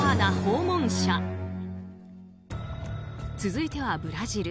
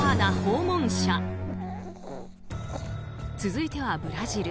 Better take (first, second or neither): first